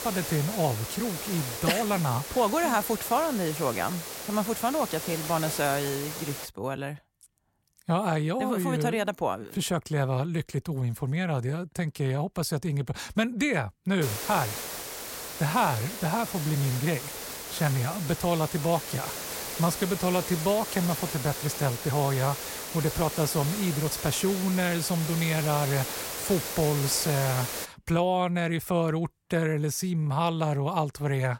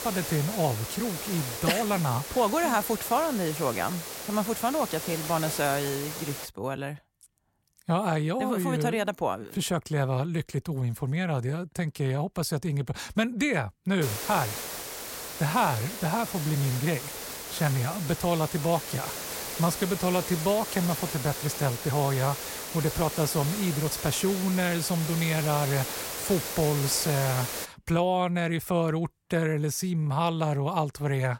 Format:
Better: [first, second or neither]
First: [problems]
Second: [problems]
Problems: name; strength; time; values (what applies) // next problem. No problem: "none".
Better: neither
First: hiss; loud; until 6.5 s and from 14 to 28 s; 6 dB below the speech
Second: hiss; loud; until 6.5 s and from 14 to 28 s; 6 dB below the speech